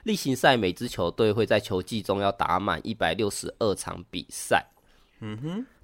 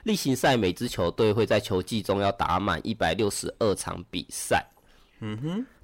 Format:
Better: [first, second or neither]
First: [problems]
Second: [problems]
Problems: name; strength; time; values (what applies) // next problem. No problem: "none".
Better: first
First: none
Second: distortion; slight; 10 dB below the speech